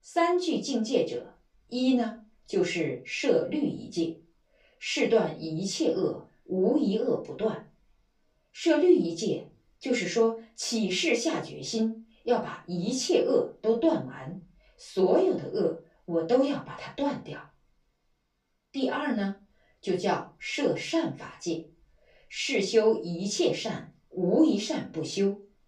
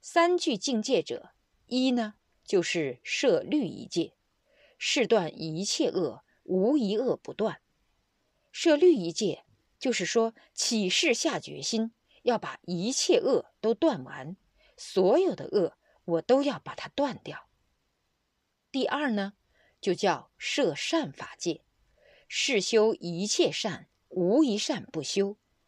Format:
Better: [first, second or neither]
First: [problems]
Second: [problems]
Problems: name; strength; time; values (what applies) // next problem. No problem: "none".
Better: second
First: off-mic speech; far // room echo; slight; dies away in 0.2 s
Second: none